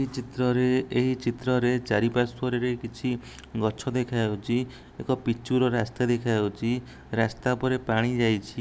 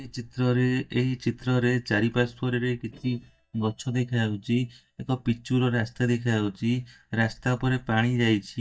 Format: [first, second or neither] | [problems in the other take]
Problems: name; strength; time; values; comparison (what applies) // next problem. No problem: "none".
first | noise reduction (neural mask model DeepFilterNet 3)